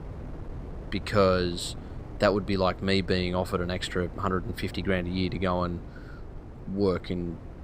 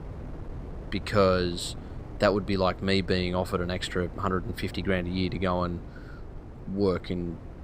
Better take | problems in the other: neither | wind noise on the microphone; occasional gusts; 20 dB below the speech; the same in both

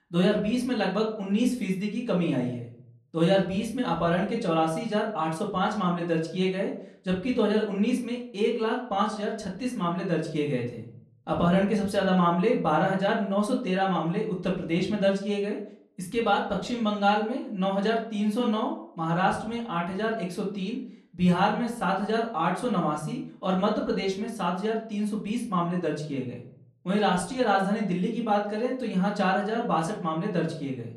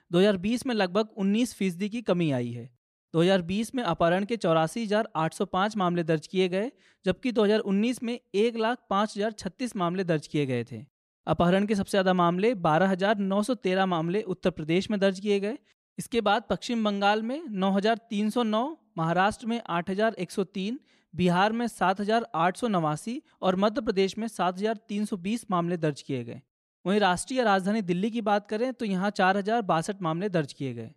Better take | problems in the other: second | off-mic speech; far // room echo; slight; dies away in 0.5 s

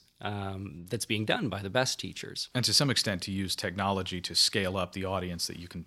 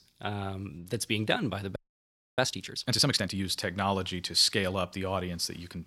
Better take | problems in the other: first | audio freezing; at 2 s for 0.5 s

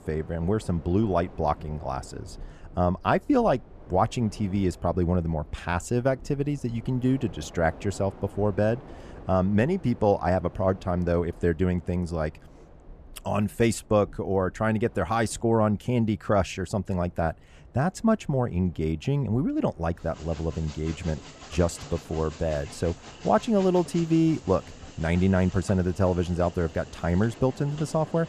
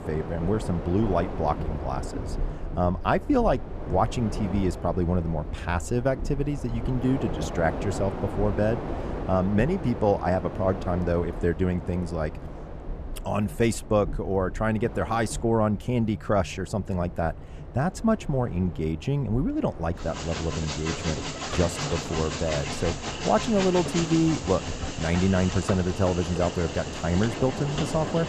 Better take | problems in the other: first | train or aircraft noise; loud; throughout; 8 dB below the speech; faint in the first

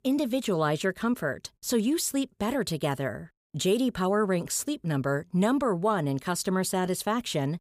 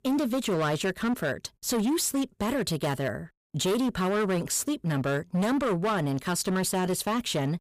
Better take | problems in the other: first | distortion; slight; 18% of the sound clipped

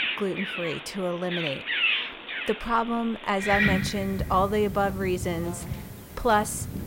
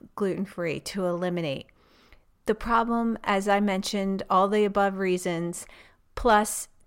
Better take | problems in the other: second | animal sounds; loud; throughout; 2 dB below the speech

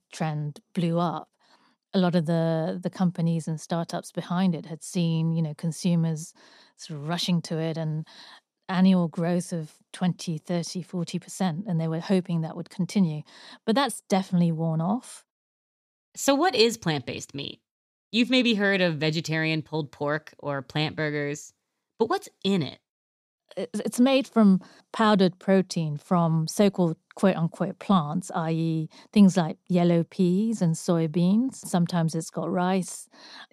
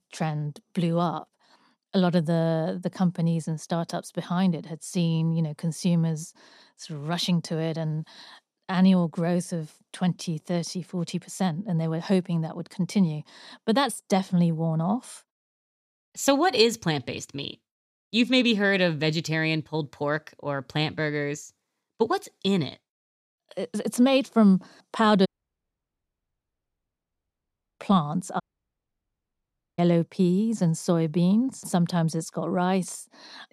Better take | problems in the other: first | audio cutting out; at 25 s for 2.5 s and at 28 s for 1.5 s

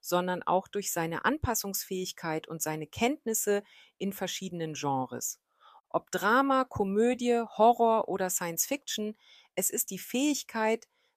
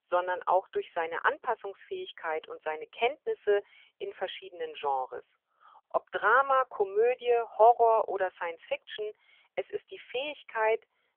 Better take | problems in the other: first | phone-call audio; nothing above 3.5 kHz

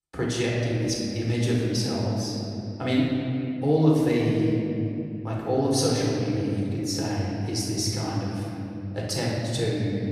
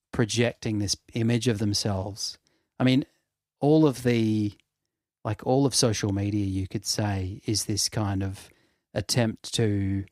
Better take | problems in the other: second | room echo; strong; dies away in 2.9 s // off-mic speech; far

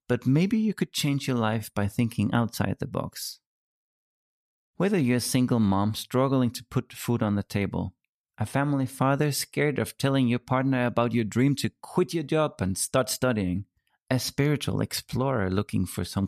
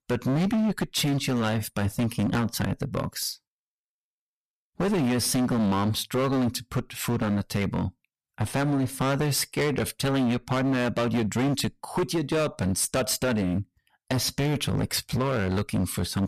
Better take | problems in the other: first | distortion; heavy; 19% of the sound clipped

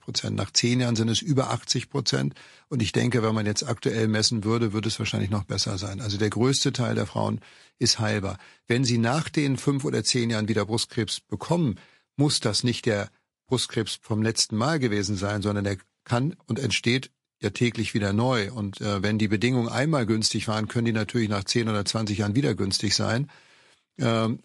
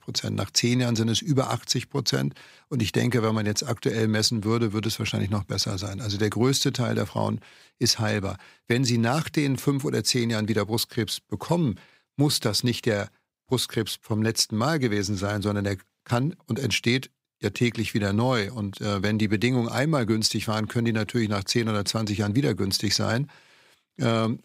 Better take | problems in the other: second | garbled, watery; slightly; nothing above 11 kHz

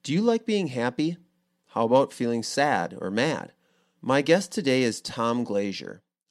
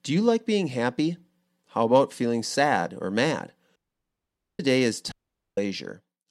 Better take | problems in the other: first | audio cutting out; at 4 s for 1 s and at 5 s

